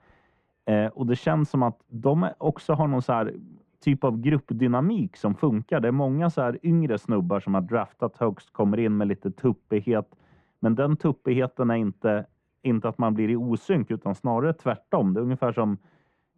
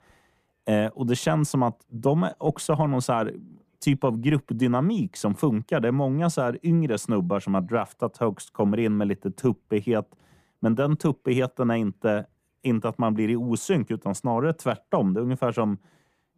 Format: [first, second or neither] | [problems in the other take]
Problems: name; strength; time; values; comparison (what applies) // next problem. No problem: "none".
second | muffled; very; fading above 2.5 kHz